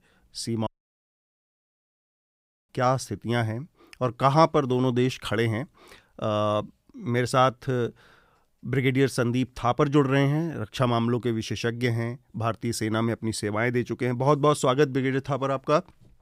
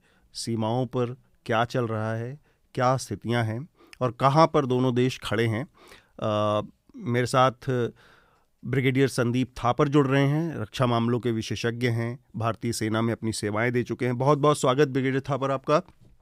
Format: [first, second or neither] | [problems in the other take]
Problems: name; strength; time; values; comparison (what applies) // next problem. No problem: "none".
second | audio cutting out; at 0.5 s for 2 s